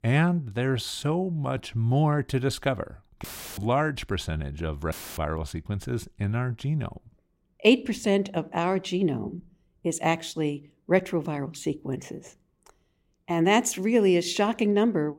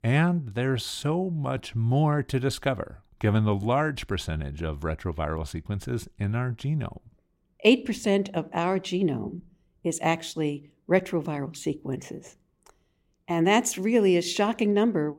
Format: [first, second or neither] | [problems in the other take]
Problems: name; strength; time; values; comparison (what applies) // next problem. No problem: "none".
second | audio cutting out; filled with static; at 3 s and at 5 s